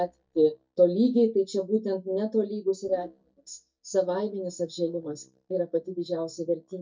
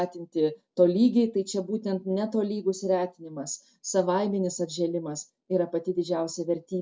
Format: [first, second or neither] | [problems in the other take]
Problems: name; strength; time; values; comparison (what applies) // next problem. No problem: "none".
second | noise reduction (neural mask model DeepFilterNet 3)